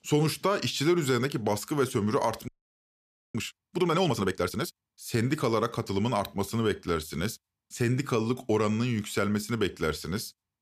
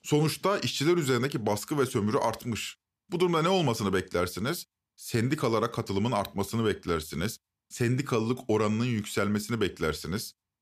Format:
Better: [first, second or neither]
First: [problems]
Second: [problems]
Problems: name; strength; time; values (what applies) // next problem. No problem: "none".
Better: second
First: audio freezing; at 2.5 s for 1 s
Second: none